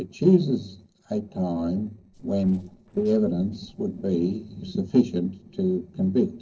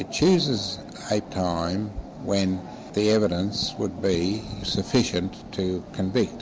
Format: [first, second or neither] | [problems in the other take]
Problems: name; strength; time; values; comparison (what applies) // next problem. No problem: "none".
second | noise reduction (neural separator model SepFormer DNS4)